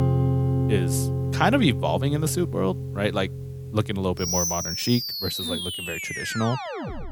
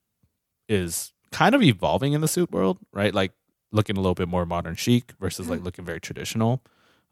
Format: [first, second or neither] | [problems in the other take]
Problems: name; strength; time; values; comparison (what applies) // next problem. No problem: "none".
second | background music; loud; throughout; 1 dB below the speech